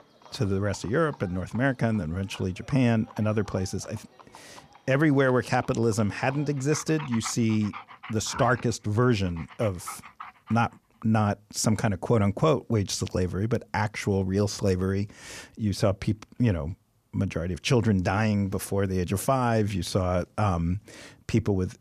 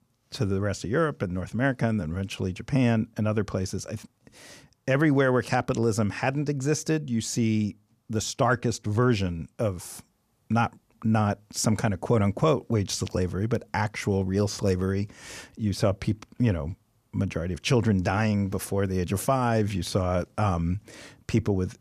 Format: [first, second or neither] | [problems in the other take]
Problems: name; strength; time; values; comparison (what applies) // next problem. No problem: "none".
second | animal sounds; noticeable; until 10 s; 20 dB below the speech